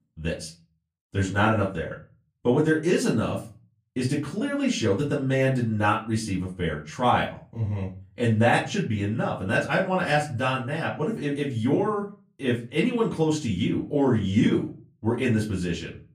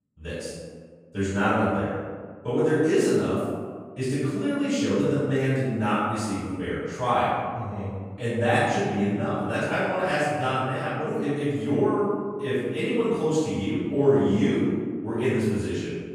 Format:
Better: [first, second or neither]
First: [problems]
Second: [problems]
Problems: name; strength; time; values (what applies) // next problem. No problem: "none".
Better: first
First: room echo; slight; dies away in 0.3 s // off-mic speech; far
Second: room echo; strong; dies away in 1.4 s // off-mic speech; far